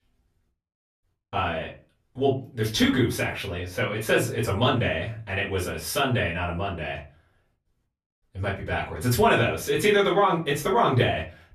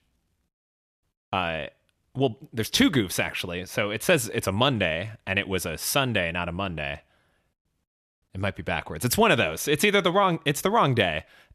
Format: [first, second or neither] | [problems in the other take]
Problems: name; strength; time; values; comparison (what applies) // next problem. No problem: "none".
second | off-mic speech; far // room echo; slight; dies away in 0.3 s